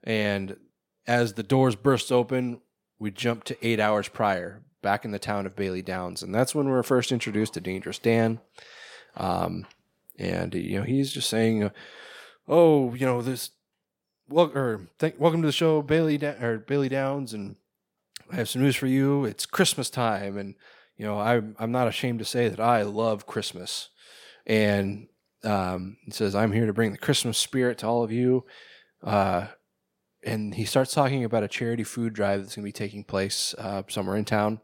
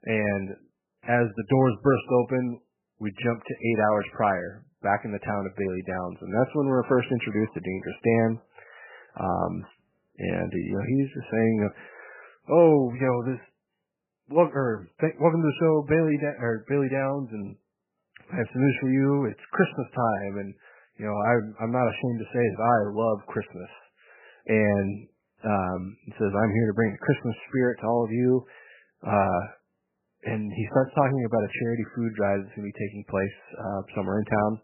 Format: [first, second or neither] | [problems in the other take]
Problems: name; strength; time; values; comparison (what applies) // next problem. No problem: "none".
first | garbled, watery; badly; nothing above 3 kHz